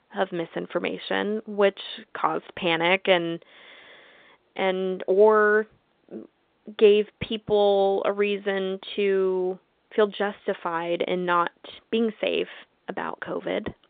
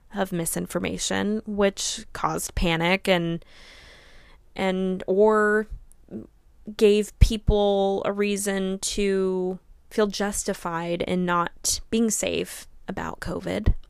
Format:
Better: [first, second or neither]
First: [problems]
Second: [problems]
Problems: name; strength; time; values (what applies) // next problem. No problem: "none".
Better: second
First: phone-call audio; nothing above 3.5 kHz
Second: none